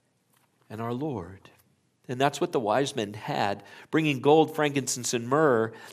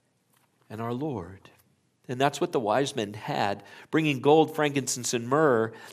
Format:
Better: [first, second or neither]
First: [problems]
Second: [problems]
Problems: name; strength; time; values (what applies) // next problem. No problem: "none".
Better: neither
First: none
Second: none